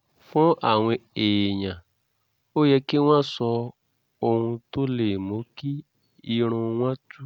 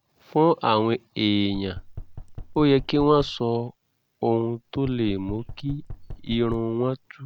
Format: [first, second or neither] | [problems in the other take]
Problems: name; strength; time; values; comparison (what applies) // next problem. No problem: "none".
first | background sound (Knock); 14 dB below the speech